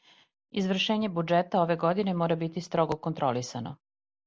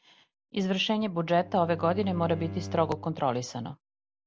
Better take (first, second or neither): first